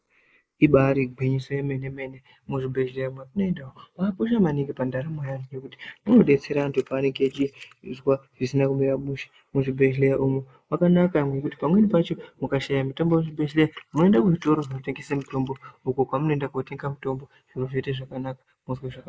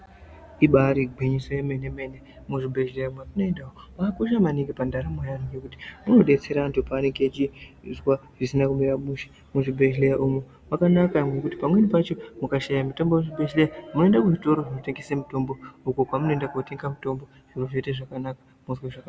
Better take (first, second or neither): second